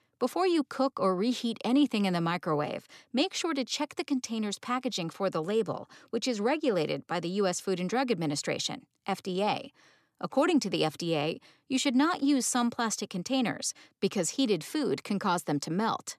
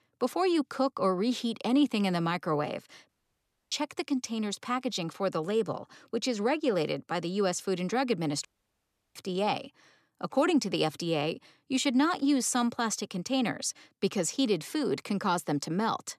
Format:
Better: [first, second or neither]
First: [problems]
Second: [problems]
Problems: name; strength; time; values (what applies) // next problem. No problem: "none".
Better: first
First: none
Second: audio cutting out; at 3 s for 0.5 s and at 8.5 s for 0.5 s